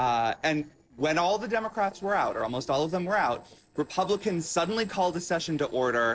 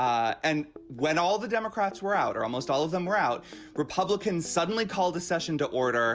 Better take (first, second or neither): second